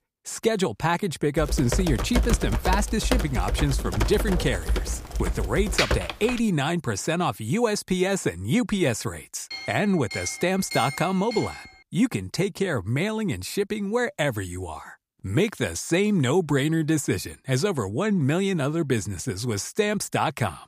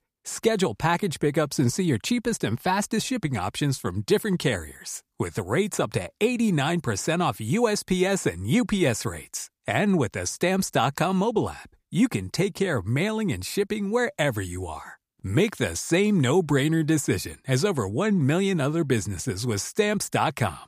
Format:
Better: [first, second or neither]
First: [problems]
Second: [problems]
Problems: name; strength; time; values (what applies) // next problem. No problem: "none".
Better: second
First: keyboard typing; loud; from 1.5 to 6.5 s; peak 1 dB above the speech // clattering dishes; noticeable; from 9.5 to 12 s; peak 6 dB below the speech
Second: none